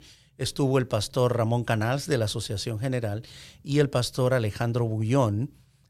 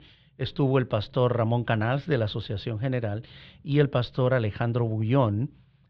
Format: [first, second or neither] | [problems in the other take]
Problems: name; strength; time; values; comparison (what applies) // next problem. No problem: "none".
first | muffled; slightly; fading above 3.5 kHz